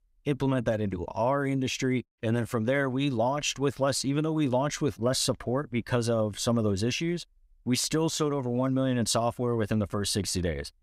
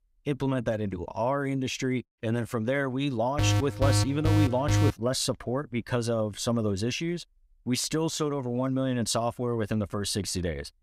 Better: first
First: none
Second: alarm; loud; from 3.5 to 5 s; peak 3 dB above the speech

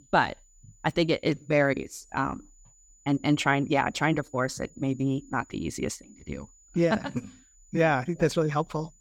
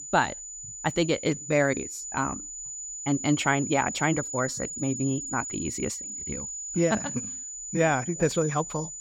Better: first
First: high-pitched whine; faint; throughout; 7 kHz, 30 dB below the speech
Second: high-pitched whine; loud; throughout; 7 kHz, 6 dB below the speech

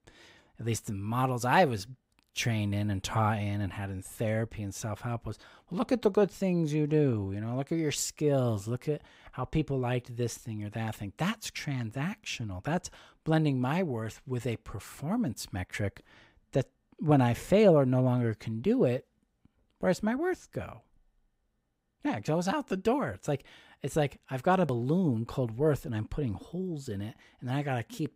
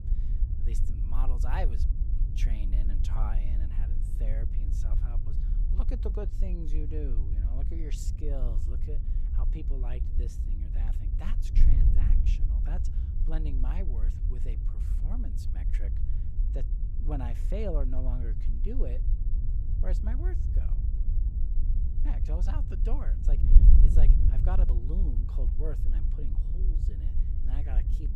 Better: first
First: none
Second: wind noise on the microphone; heavy; 4 dB below the speech

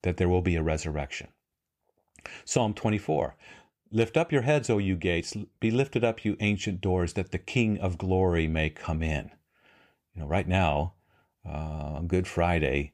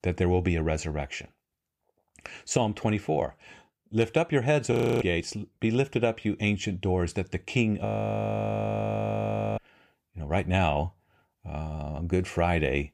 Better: first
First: none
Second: audio freezing; at 4.5 s and at 8 s for 1.5 s

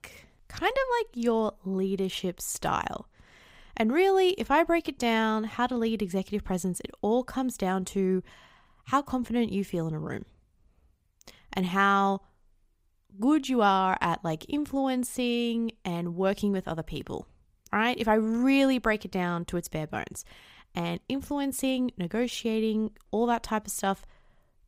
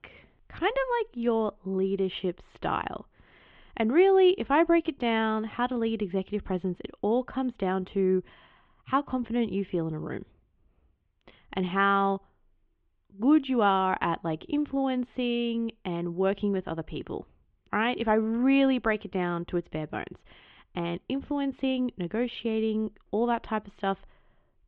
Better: first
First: none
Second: muffled; very; fading above 3 kHz

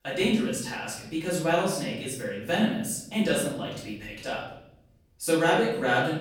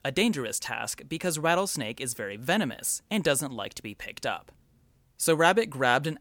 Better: second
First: off-mic speech; far // room echo; noticeable; dies away in 0.9 s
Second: none

